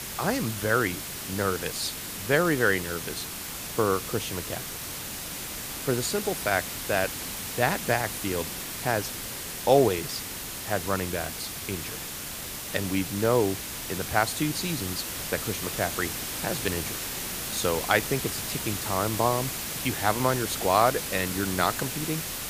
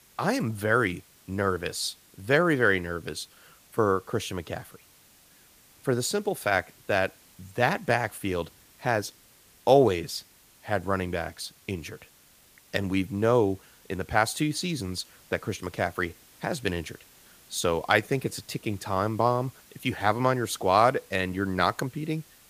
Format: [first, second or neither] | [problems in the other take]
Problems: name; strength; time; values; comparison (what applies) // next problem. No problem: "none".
second | hiss; loud; throughout; 4 dB below the speech; faint in the second